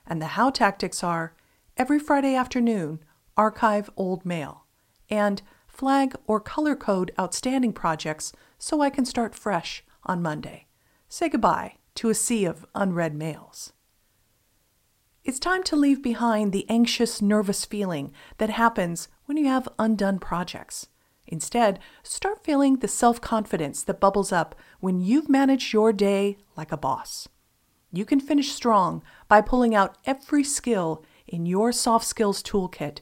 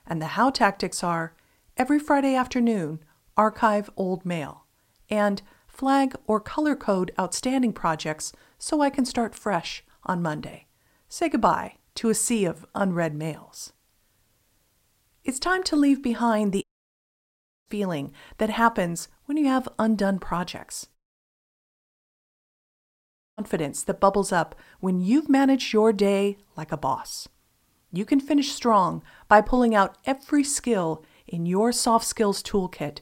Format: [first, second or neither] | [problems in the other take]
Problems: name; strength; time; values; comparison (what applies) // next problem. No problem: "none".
first | audio cutting out; at 17 s for 1 s and at 21 s for 2.5 s